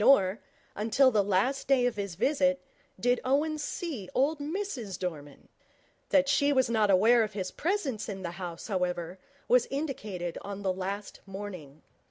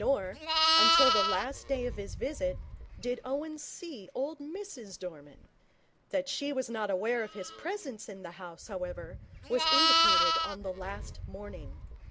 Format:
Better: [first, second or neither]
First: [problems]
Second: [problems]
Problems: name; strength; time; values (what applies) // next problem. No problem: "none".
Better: first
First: none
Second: background sound (Livestock, farm animals, working animals); 3 dB above the speech